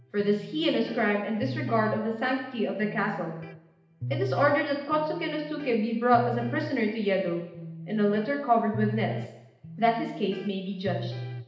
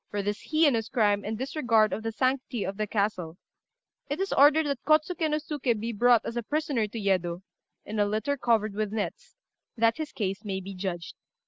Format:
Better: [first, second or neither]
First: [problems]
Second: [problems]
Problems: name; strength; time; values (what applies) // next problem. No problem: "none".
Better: second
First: background sound (Electric guitar); 11 dB below the speech // room echo; dies away in 0.8 s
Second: none